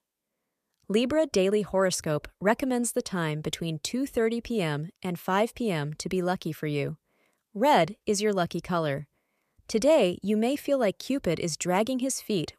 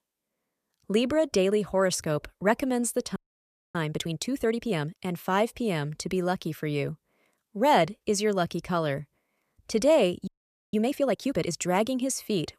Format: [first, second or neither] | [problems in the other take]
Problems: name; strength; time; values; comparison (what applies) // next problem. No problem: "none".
first | audio freezing; at 3 s for 0.5 s and at 10 s